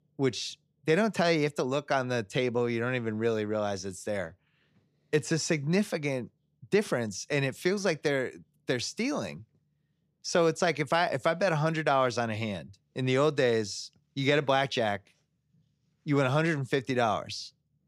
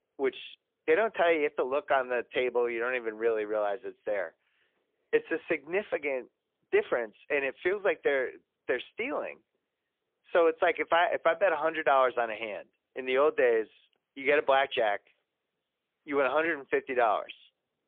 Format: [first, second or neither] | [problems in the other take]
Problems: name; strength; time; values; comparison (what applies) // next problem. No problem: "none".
first | phone-call audio; poor line; nothing above 3.5 kHz